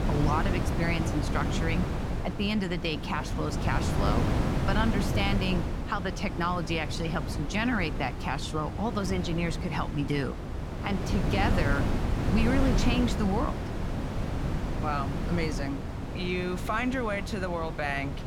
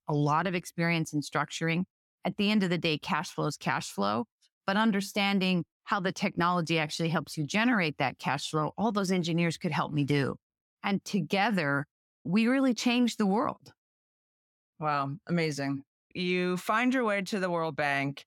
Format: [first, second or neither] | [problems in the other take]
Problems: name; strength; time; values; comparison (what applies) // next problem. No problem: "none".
second | wind noise on the microphone; heavy; 5 dB below the speech